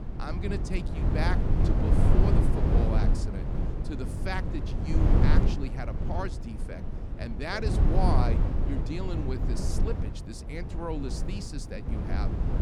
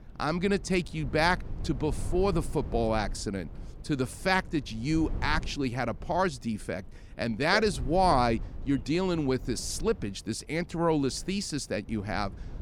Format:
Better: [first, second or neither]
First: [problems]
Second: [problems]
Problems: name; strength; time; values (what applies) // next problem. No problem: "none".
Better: second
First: low rumble; loud; throughout; 1 dB below the speech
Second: low rumble; faint; throughout; 25 dB below the speech